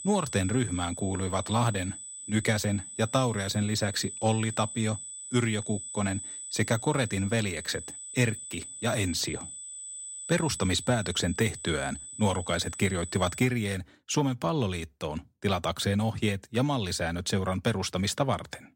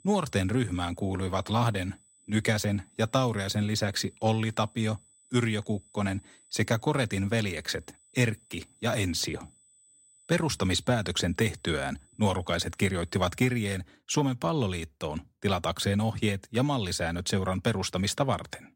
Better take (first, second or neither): second